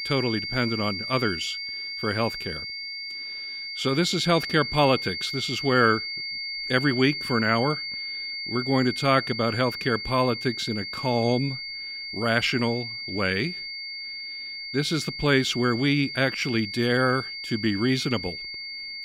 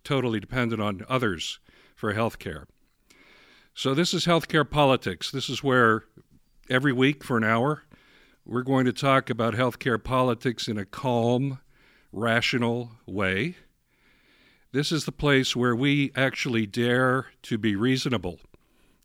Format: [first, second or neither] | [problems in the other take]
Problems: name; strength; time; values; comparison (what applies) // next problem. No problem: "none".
second | high-pitched whine; loud; throughout; 4.5 kHz, 6 dB below the speech